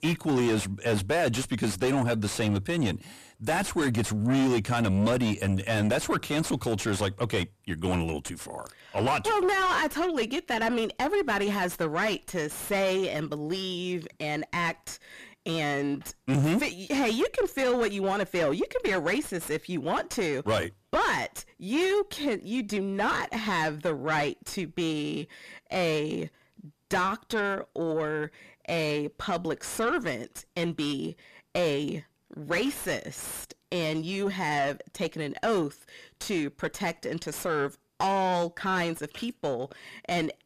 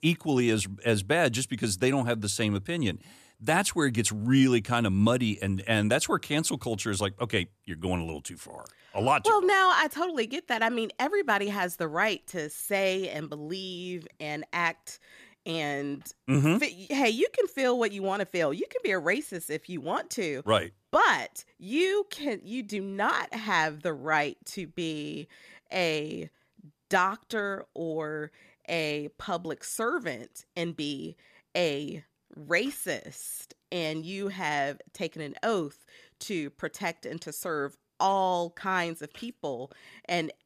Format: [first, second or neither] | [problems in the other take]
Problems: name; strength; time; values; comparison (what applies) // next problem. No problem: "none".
second | distortion; heavy; 5 dB below the speech